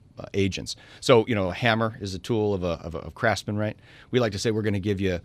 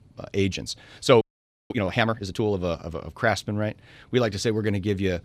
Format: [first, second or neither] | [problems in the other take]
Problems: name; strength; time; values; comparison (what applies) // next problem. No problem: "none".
first | audio freezing; at 1 s